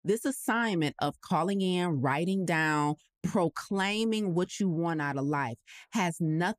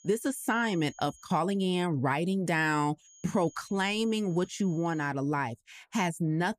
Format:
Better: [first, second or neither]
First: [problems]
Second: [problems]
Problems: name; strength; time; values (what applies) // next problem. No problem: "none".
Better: first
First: none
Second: high-pitched whine; faint; until 1.5 s and from 3 to 5 s; 6.5 kHz, 25 dB below the speech